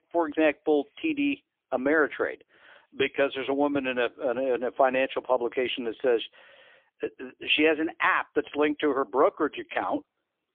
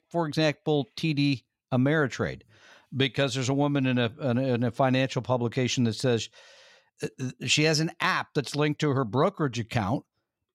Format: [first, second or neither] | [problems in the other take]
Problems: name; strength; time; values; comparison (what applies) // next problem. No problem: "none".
second | phone-call audio; poor line; nothing above 3.5 kHz